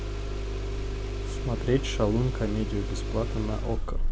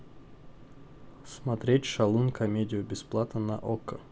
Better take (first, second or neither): second